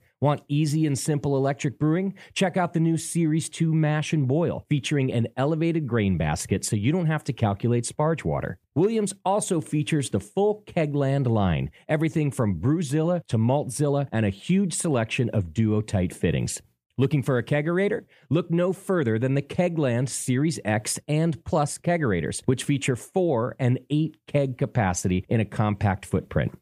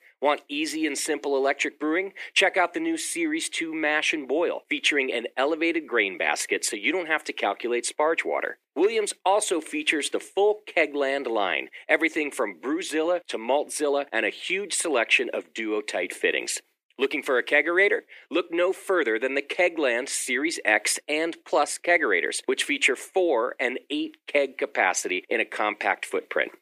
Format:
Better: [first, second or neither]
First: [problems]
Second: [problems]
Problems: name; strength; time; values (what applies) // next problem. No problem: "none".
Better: first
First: none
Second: thin; very; fading below 300 Hz